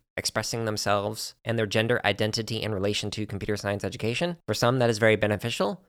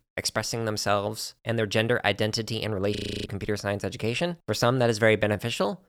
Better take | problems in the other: first | audio freezing; at 3 s

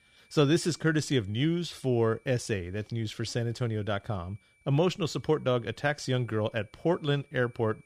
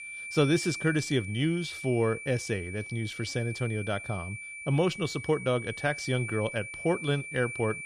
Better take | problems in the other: first | high-pitched whine; loud; throughout; 2.5 kHz, 8 dB below the speech; faint in the first

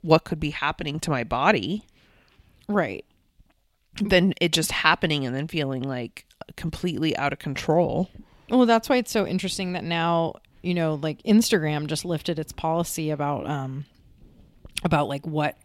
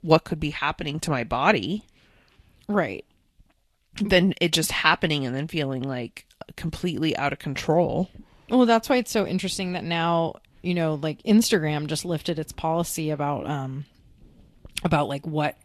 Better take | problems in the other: first | garbled, watery; slightly; nothing above 12.5 kHz

